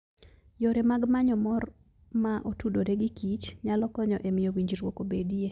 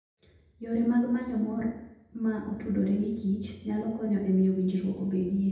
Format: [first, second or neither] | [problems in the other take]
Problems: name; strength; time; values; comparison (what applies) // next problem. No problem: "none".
first | room echo; dies away in 0.8 s